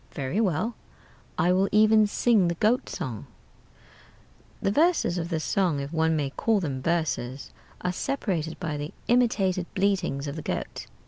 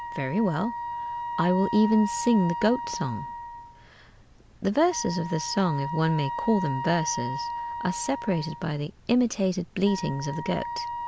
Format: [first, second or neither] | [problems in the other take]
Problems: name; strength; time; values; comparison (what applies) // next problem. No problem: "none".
first | background sound (Wind instrument, woodwind instrument); 8 dB below the speech